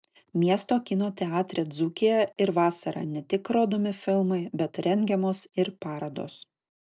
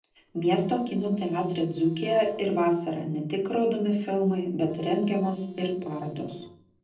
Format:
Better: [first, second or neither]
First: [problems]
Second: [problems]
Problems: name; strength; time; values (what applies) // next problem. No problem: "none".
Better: first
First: none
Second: noise reduction (neural separator model SepFormer DNS4)